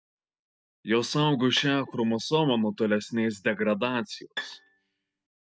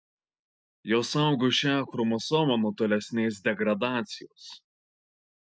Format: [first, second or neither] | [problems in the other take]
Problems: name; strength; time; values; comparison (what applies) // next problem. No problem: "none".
second | background sound (Bowed string instrument); 14 dB below the speech